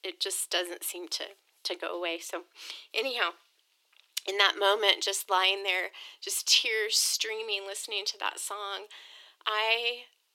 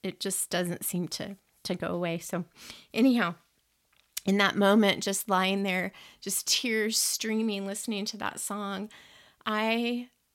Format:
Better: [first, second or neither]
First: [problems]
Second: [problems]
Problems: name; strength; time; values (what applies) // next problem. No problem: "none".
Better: second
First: thin; very; fading below 350 Hz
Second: none